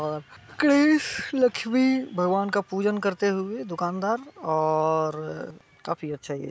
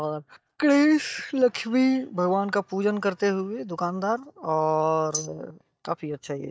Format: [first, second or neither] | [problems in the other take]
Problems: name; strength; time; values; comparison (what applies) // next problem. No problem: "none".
first | noise reduction (neural mask model DeepFilterNet 3)